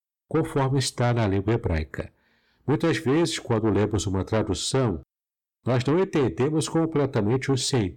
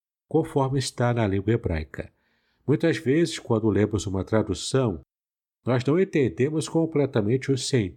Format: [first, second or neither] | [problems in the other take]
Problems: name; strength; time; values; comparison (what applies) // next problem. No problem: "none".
second | distortion; slight; 10 dB below the speech